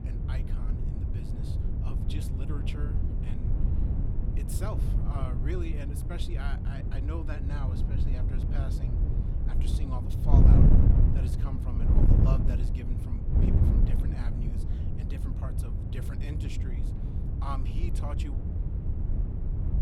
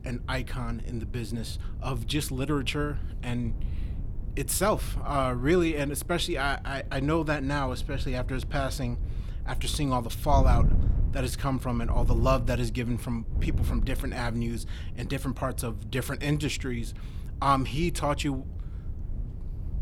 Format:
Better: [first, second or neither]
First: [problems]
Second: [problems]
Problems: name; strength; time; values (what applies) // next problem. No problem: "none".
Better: second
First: wind noise on the microphone; heavy; 2 dB above the speech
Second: wind noise on the microphone; occasional gusts; 20 dB below the speech